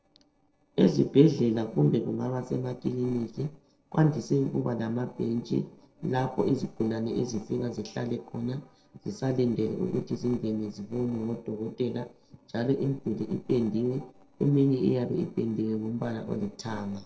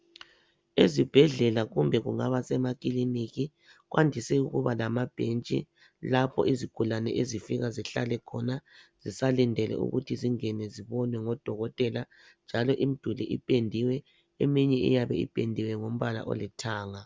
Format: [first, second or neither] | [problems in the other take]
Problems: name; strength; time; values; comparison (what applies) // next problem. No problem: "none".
second | noise reduction (neural separator model SepFormer DNS4)